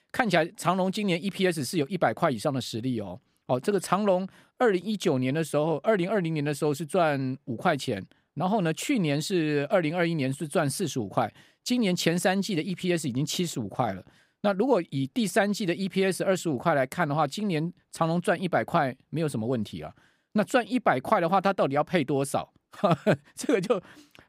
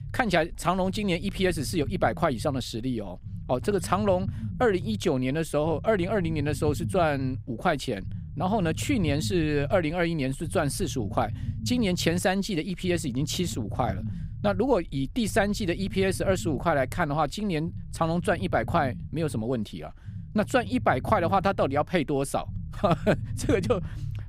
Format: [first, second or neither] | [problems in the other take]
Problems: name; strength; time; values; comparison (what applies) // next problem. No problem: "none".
first | low rumble; faint; throughout; 20 dB below the speech